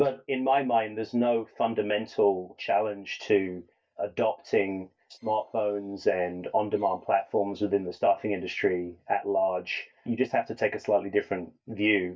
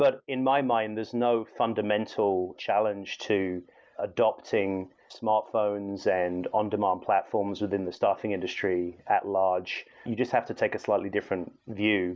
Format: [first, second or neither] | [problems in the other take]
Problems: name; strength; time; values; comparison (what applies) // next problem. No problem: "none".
second | noise reduction (neural mask model DeepFilterNet 3)